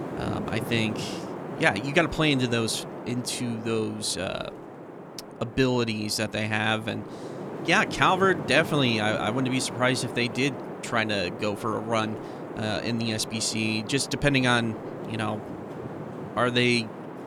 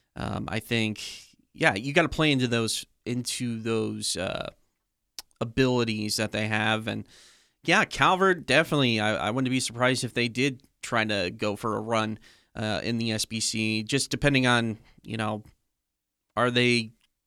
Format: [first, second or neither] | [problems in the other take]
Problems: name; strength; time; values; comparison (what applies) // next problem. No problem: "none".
second | wind noise on the microphone; occasional gusts; 10 dB below the speech